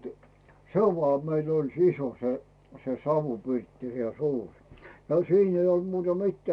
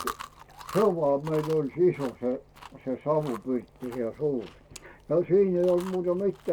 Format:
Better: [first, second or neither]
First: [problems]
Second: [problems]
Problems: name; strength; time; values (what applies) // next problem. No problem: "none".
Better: first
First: none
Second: background sound (Chewing, mastication); 17 dB below the speech